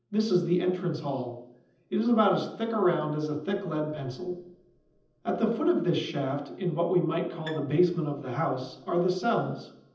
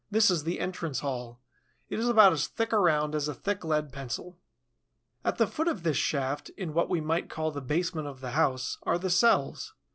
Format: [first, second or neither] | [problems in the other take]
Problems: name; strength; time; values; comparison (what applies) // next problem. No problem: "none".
second | background sound (Bowed string instrument); 20 dB below the speech // room echo; dies away in 0.8 s